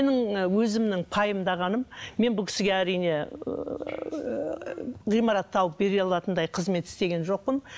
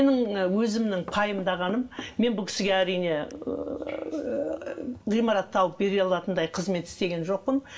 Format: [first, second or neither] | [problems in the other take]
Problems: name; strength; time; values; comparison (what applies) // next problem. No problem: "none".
first | background sound (Knock / Wood); 20 dB below the speech // room echo; dies away in 0.3 s